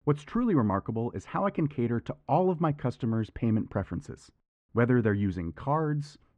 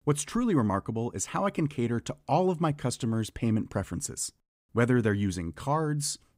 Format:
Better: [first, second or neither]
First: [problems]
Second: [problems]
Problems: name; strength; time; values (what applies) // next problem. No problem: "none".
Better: second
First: muffled; very; fading above 2 kHz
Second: none